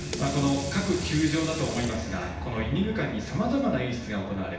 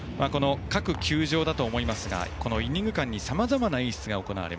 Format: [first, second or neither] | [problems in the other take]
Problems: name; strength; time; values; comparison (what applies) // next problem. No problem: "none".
second | background sound (Sink (filling or washing) / Water tap, faucet); 14 dB below the speech // room echo; dies away in 0.9 s